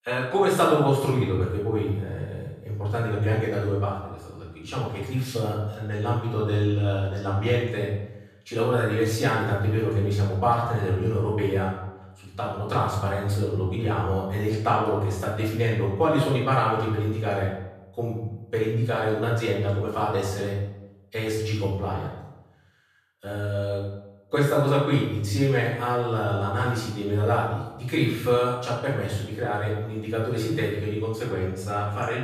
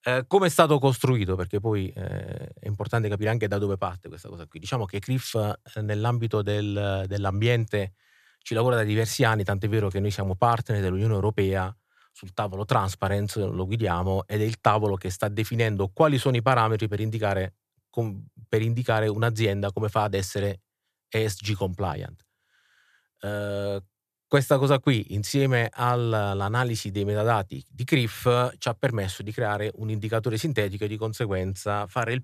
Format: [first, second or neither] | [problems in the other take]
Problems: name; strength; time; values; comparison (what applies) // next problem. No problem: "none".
second | off-mic speech; far // room echo; noticeable; dies away in 0.8 s